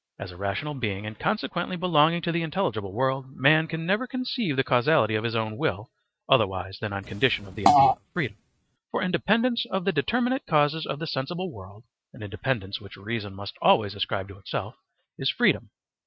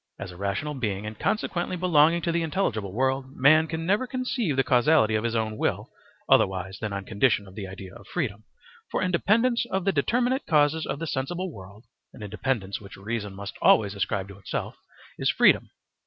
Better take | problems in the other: second | noise reduction (neural mask model RNNoise)

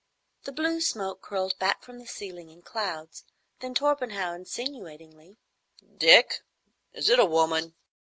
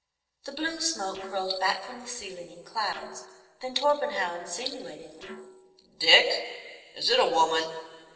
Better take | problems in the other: first | noise reduction (neural separator model SepFormer DNS4)

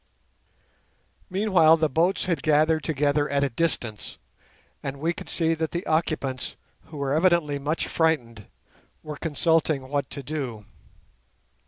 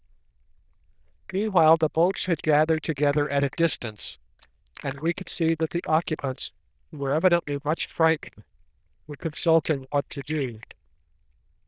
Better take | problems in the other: first | noise reduction (neural diffusion model UNIVERSE++)

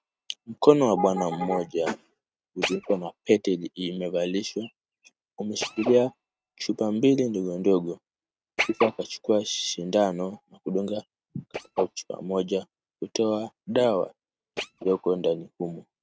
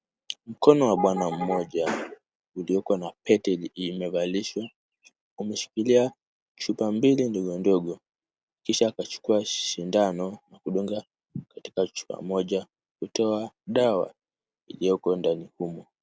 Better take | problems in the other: second | noise reduction (neural mask model RNNoise)

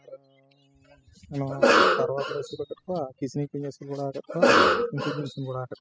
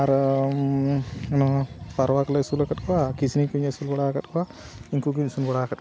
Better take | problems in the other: second | noise reduction (classical method spectral subtraction)

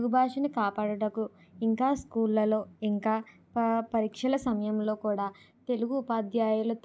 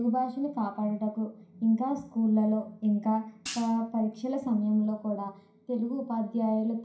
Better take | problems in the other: first | background sound (Hi-hat); 14 dB below the speech // room echo; dies away in 0.5 s

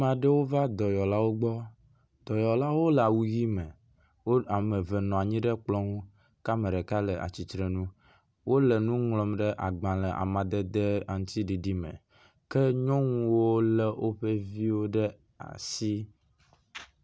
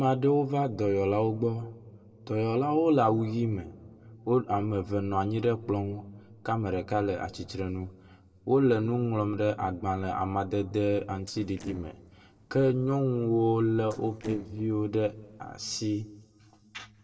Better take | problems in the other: first | noise reduction (neural separator model SepFormer DNS4)

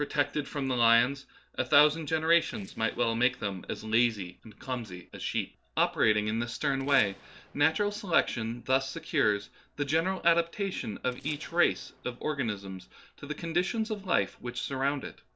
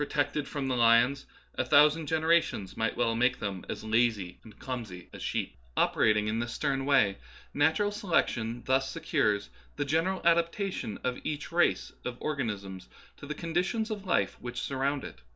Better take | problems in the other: second | noise reduction (neural separator model SepFormer DNS4)

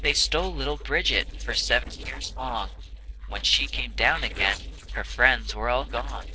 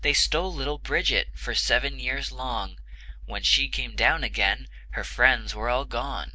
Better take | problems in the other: second | noise reduction (neural separator model SepFormer DNS4)

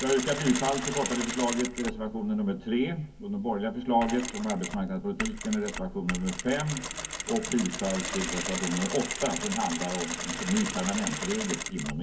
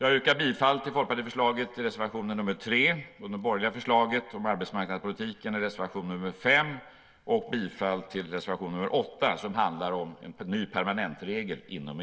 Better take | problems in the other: second | background sound (Mechanisms); 6 dB below the speech // room echo; dies away in 0.3 s

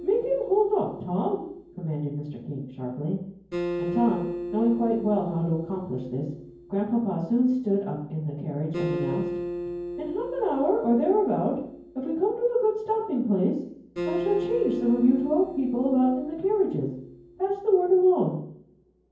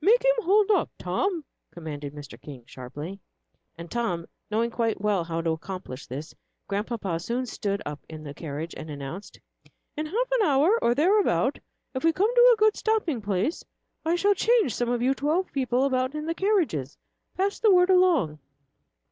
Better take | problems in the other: second | background sound (Acoustic guitar); 10 dB below the speech // room echo; dies away in 0.9 s

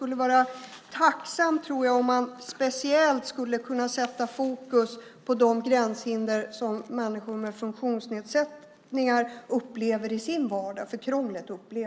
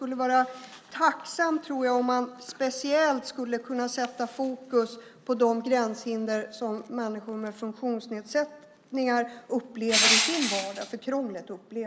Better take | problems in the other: first | background sound (Crushing); 2 dB above the speech

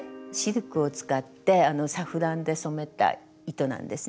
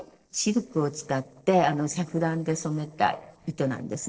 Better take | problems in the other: first | noise reduction (neural separator model SepFormer DNS4)

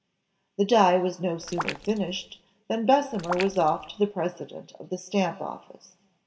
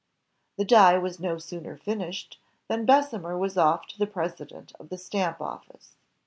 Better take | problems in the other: second | background sound (Raindrop); 11 dB below the speech // room echo; dies away in 0.7 s

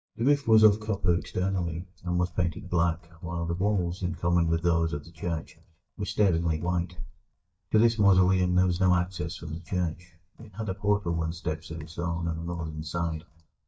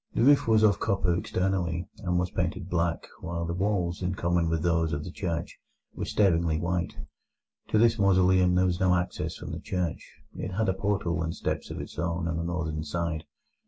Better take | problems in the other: second | noise reduction (neural mask model DeepFilterNet 3)

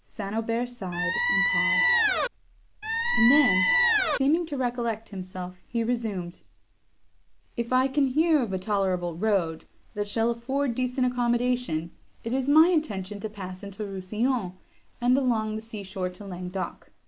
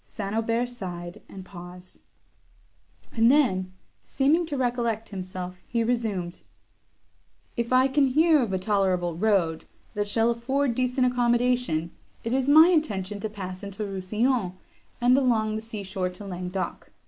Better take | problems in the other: second | background sound (Squeak); 3 dB above the speech

